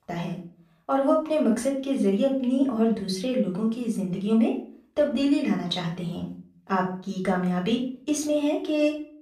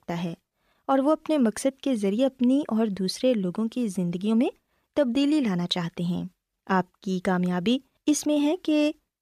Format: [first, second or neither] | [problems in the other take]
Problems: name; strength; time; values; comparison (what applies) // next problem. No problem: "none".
second | off-mic speech; far // room echo; slight; dies away in 0.4 s